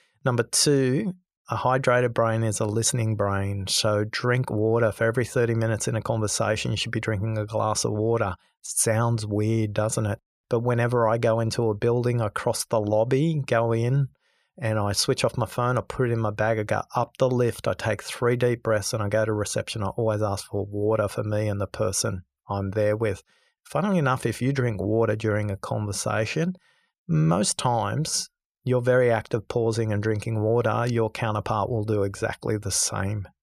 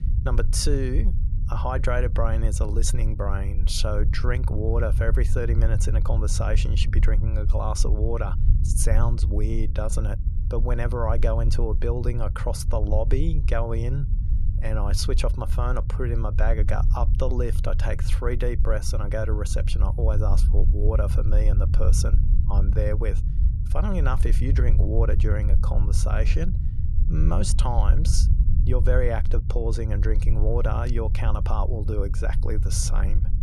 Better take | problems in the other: first | low rumble; noticeable; throughout; 10 dB below the speech

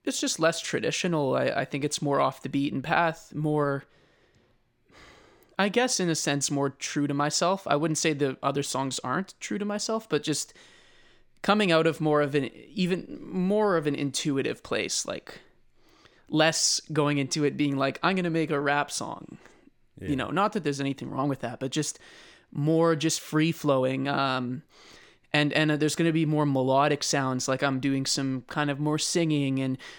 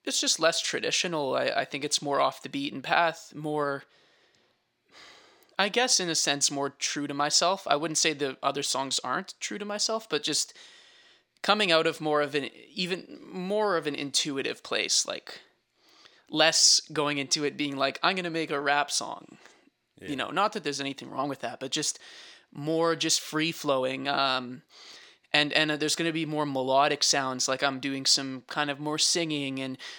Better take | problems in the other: first | thin; very slightly; fading below 950 Hz

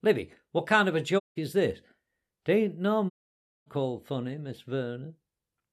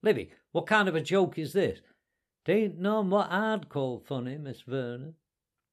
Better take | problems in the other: second | audio cutting out; at 1 s and at 3 s for 0.5 s

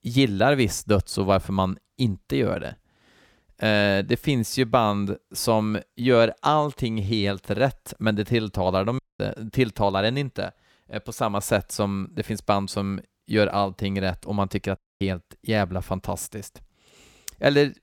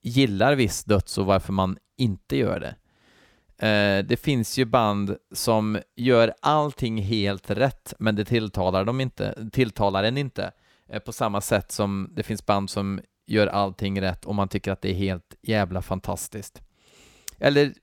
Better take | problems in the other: second | audio cutting out; at 9 s and at 15 s

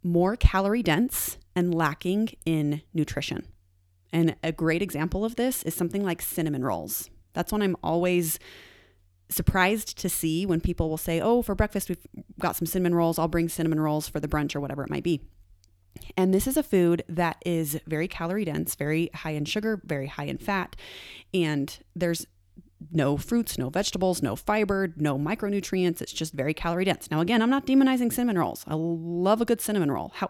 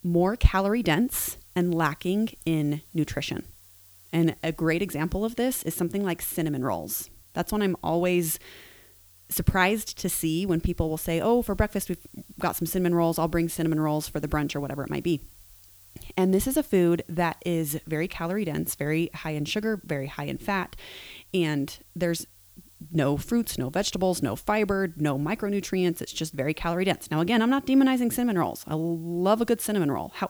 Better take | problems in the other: first | hiss; faint; throughout; 25 dB below the speech

